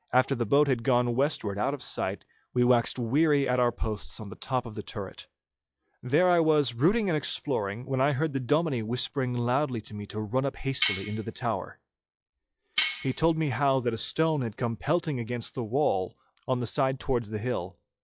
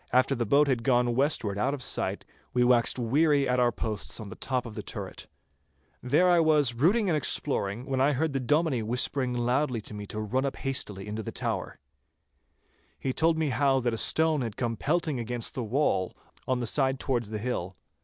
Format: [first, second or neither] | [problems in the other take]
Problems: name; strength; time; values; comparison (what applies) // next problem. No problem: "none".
second | noise reduction (classical method log-MMSE)